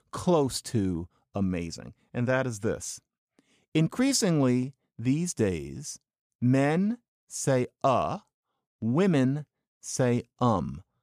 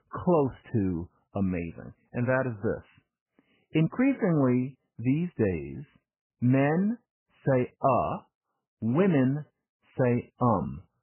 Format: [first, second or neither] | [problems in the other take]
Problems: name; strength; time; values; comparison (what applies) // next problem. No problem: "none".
first | garbled, watery; badly; nothing above 3 kHz